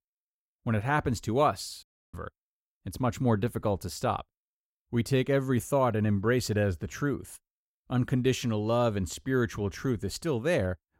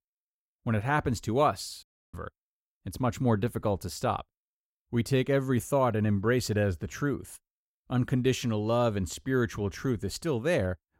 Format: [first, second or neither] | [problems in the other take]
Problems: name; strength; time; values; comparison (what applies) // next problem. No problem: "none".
neither | audio cutting out; at 2 s; the same in both